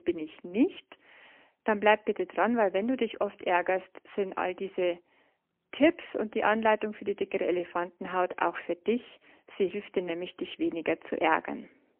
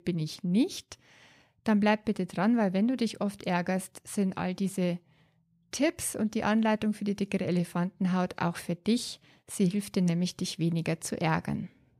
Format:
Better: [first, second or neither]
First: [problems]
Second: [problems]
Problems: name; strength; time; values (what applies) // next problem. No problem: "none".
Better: second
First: phone-call audio; poor line; nothing above 3 kHz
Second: none